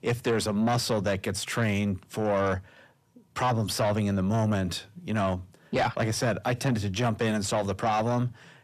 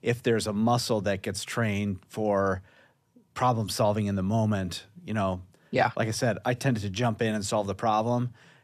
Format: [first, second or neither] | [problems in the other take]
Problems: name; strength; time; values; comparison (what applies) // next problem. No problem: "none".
second | distortion; slight; 10 dB below the speech